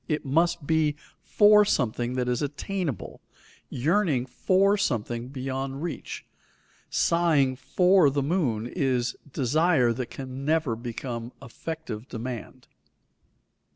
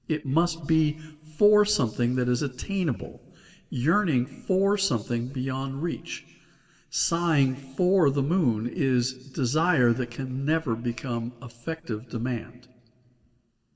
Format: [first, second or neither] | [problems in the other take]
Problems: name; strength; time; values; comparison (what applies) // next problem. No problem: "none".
first | room echo; dies away in 1.3 s